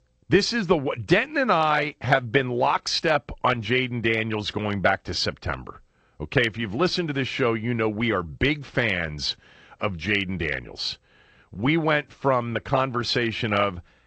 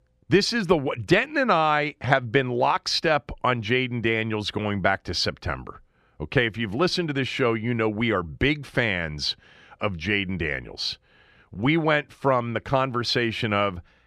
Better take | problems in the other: second | garbled, watery; slightly; nothing above 14 kHz

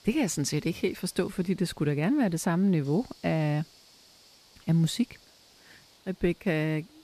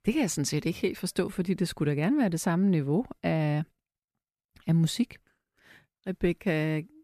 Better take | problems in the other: second | hiss; faint; throughout; 25 dB below the speech

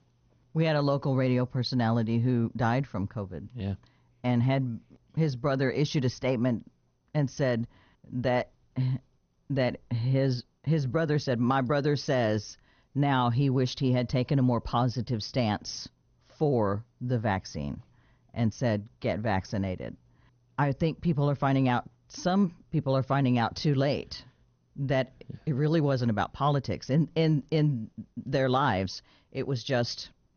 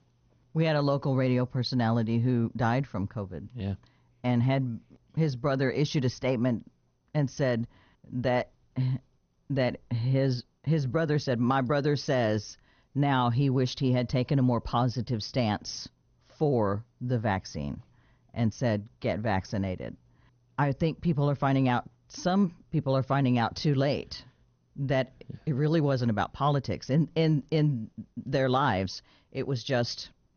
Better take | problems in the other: neither | garbled, watery; slightly; nothing above 6.5 kHz; the same in both

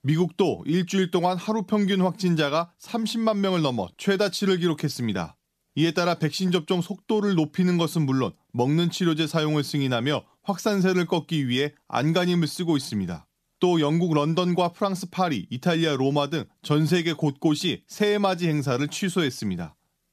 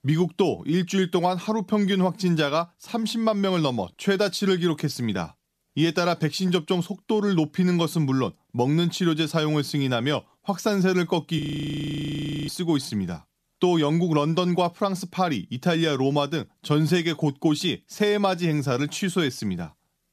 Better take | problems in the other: first | audio freezing; at 11 s for 1 s

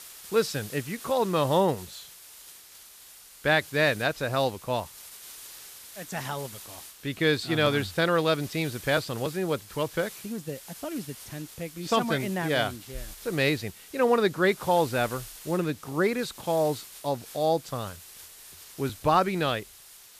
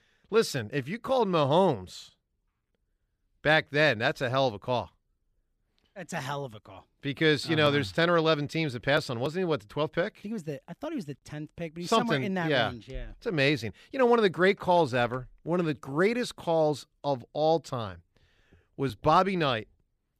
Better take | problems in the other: second | hiss; noticeable; throughout; 15 dB below the speech

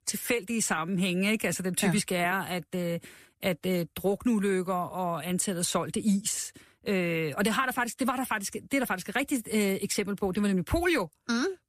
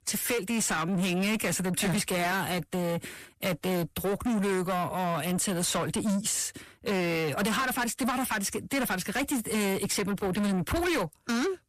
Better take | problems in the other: first | distortion; heavy; 8 dB below the speech

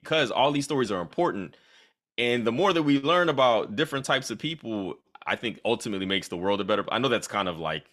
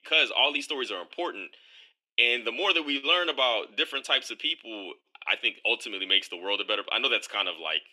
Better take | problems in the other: first | thin; somewhat; fading below 300 Hz

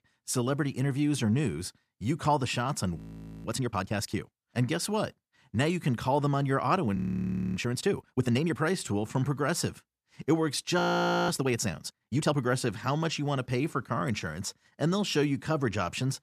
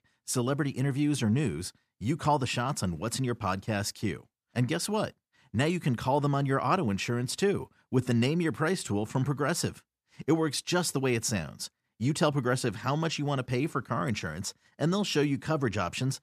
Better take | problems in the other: second | audio freezing; at 3 s, at 7 s for 0.5 s and at 11 s

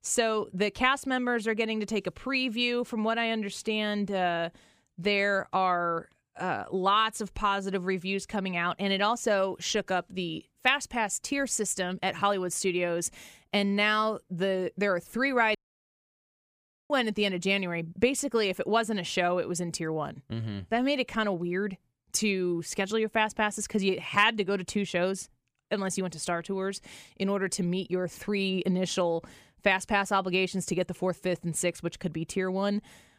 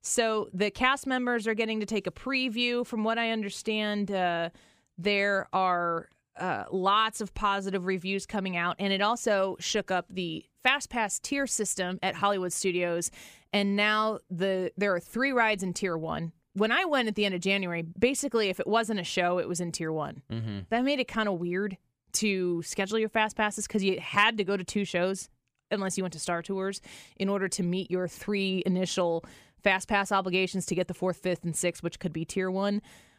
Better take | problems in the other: second | audio cutting out; at 16 s for 1.5 s

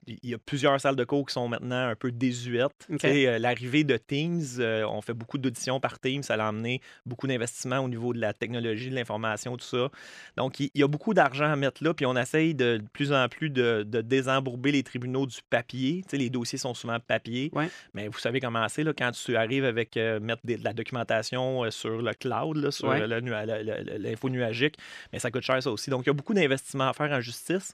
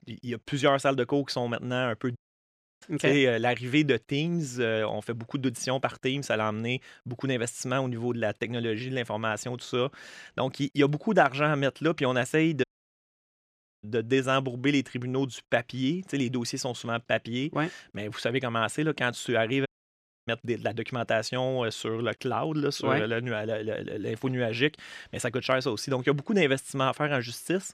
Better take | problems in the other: first | audio cutting out; at 2 s for 0.5 s, at 13 s for 1 s and at 20 s for 0.5 s

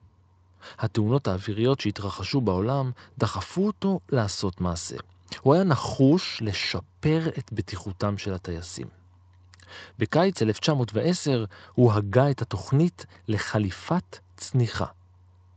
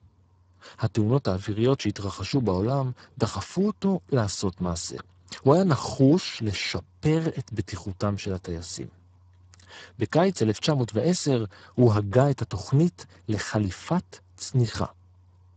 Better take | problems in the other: first | garbled, watery; badly; nothing above 8 kHz; slightly in the first

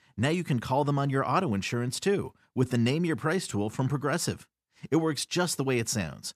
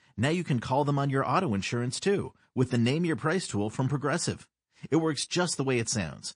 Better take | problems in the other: first | garbled, watery; slightly; nothing above 8.5 kHz

